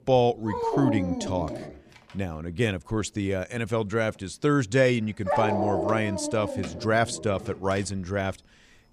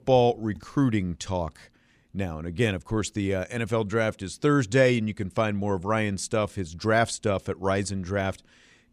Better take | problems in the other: second | animal sounds; loud; throughout; 4 dB below the speech

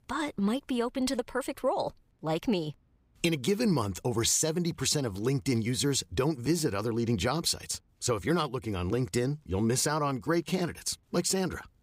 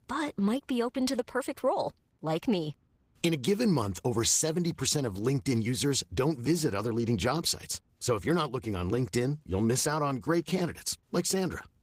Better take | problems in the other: first | garbled, watery; slightly; nothing above 15.5 kHz

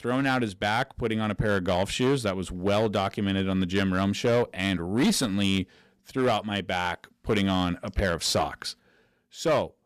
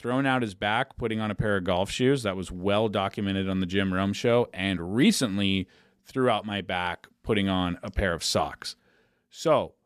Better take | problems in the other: second | distortion; slight; 8% of the sound clipped

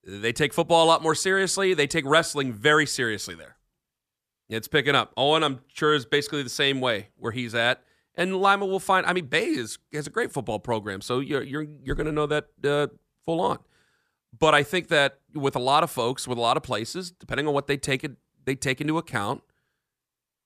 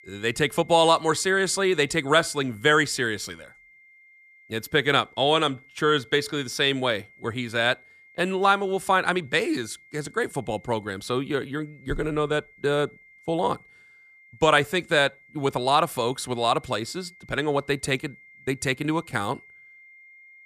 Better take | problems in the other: first | high-pitched whine; faint; throughout; 2 kHz, 25 dB below the speech

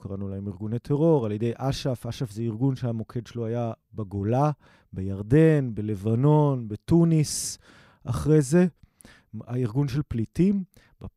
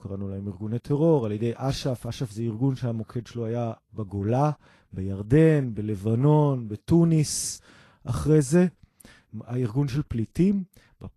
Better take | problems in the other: first | garbled, watery; slightly; nothing above 11.5 kHz

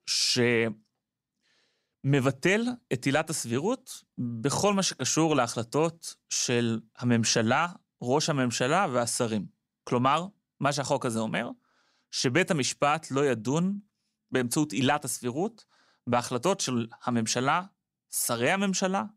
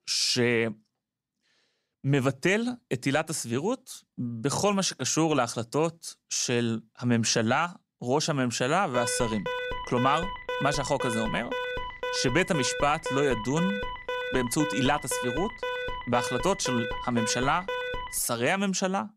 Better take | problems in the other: first | alarm; noticeable; from 9 to 18 s; peak 4 dB below the speech

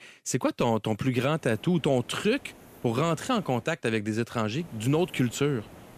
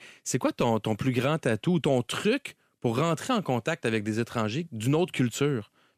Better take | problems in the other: second | hiss; faint; from 1.5 to 3.5 s and from 4.5 s on; 25 dB below the speech

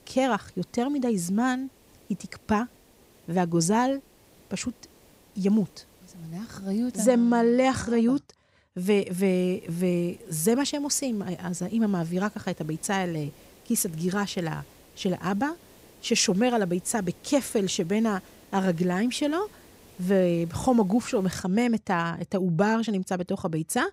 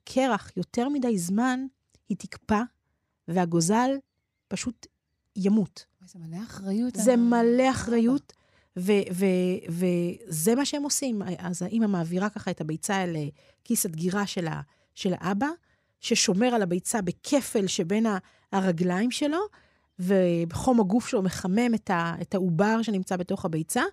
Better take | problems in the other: second | hiss; faint; until 7 s and from 9.5 to 21 s; 25 dB below the speech

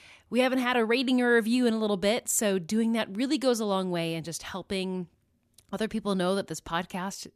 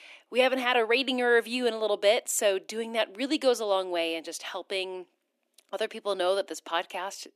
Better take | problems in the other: first | thin; somewhat; fading below 300 Hz

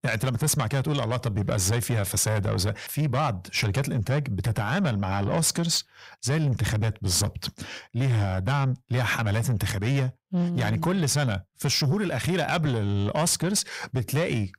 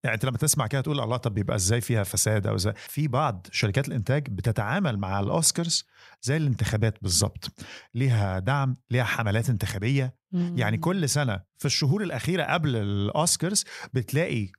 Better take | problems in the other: second | distortion; slight; 10 dB below the speech

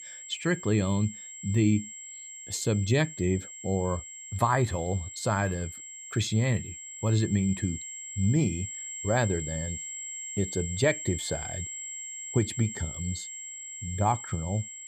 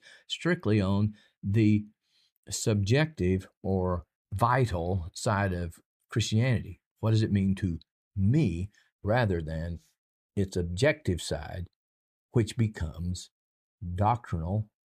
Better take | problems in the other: second | high-pitched whine; loud; throughout; 7.5 kHz, 8 dB below the speech

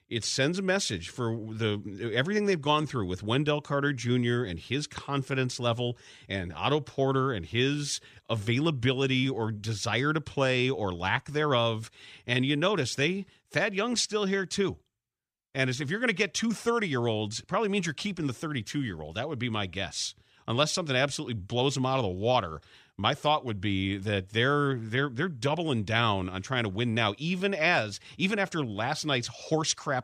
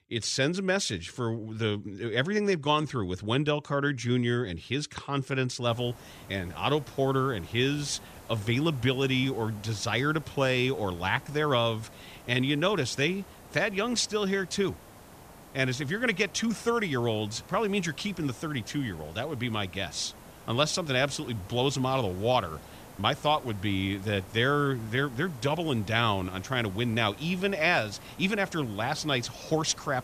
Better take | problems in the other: first | hiss; noticeable; from 5.5 s on; 20 dB below the speech

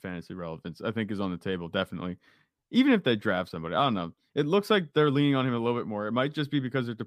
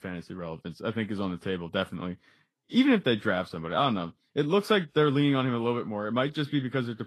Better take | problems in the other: first | garbled, watery; slightly; nothing above 12.5 kHz

